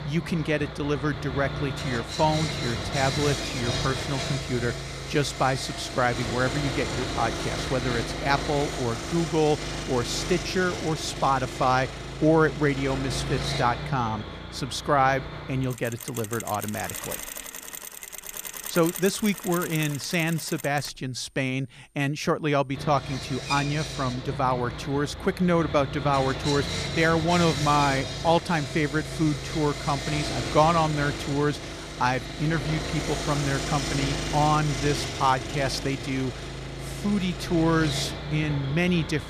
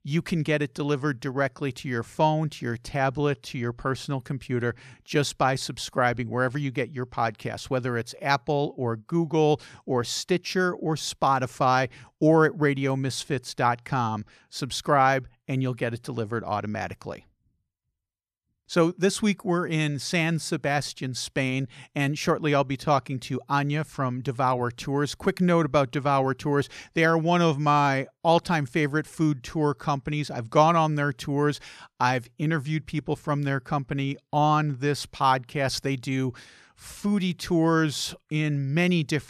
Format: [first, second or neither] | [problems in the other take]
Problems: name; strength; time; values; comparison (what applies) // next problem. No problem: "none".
second | machinery noise; loud; throughout; 6 dB below the speech